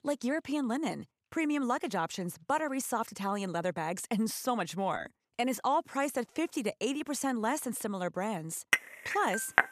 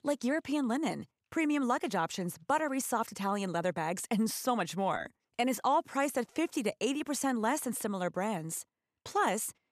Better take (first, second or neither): second